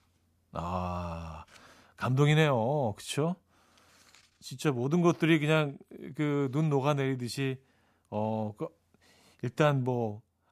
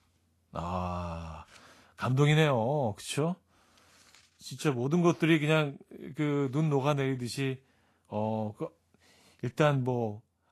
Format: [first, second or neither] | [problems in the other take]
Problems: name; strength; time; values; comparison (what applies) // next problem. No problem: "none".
first | garbled, watery; slightly; nothing above 12.5 kHz